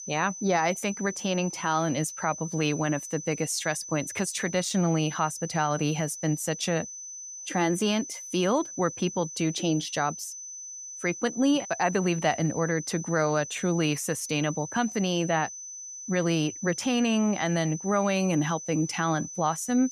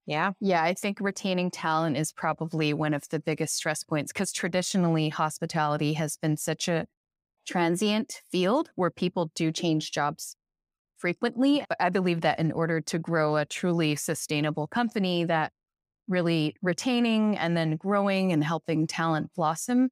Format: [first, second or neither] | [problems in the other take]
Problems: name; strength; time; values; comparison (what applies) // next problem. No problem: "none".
second | high-pitched whine; noticeable; throughout; 6 kHz, 10 dB below the speech